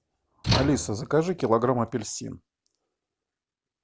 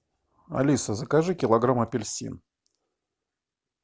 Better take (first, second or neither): second